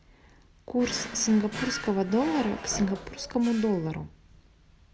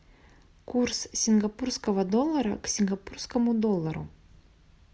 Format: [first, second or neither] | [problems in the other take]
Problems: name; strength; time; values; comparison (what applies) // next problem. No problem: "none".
second | background sound (Drawer open or close); 9 dB below the speech